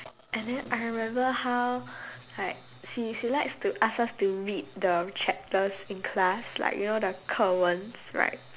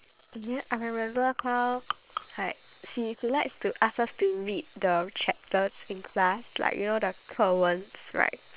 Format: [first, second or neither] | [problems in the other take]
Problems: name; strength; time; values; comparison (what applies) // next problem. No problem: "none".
first | noise reduction (neural separator model SepFormer WHAM!)